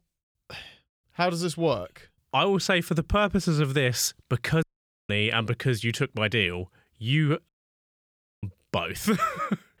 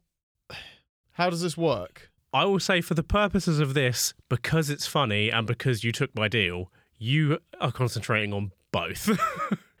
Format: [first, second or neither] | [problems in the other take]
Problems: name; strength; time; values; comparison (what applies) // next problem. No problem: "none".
second | audio cutting out; at 4.5 s and at 7.5 s for 1 s